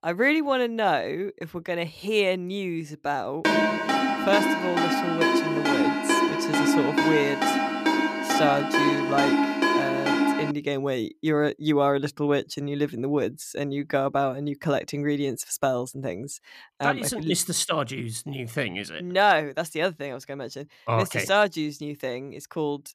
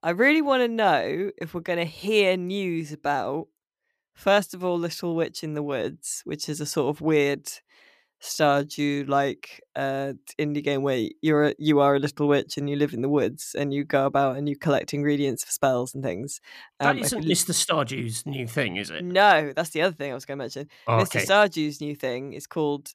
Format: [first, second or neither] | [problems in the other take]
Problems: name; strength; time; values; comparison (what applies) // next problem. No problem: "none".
second | phone ringing; loud; from 3.5 to 11 s; peak 5 dB above the speech